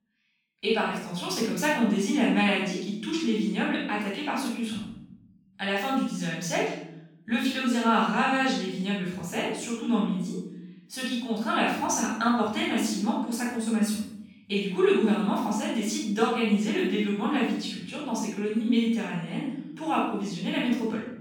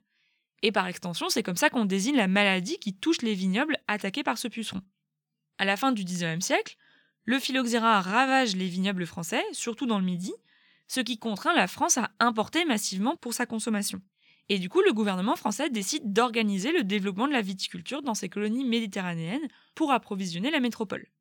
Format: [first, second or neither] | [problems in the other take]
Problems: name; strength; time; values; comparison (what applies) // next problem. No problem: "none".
second | off-mic speech; far // room echo; strong; dies away in 0.8 s